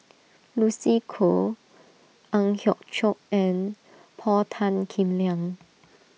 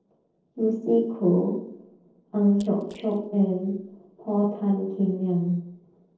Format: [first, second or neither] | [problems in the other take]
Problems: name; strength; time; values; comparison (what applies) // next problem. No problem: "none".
first | noise reduction (neural separator model SepFormer DNS4)